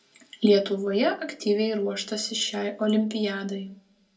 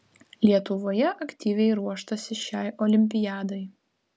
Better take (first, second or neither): second